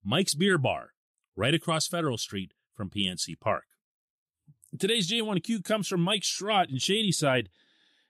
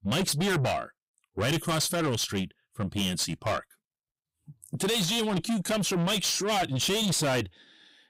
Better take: first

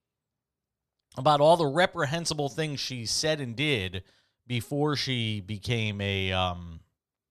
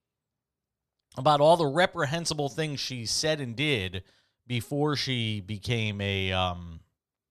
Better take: neither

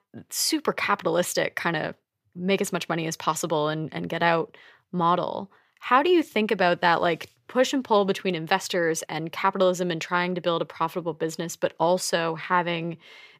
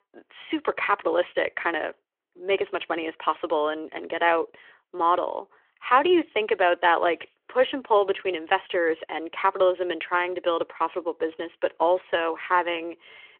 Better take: first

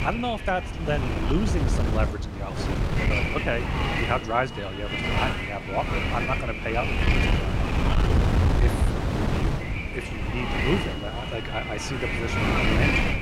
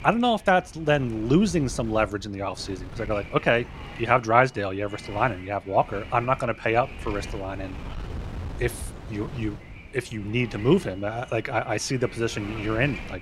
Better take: second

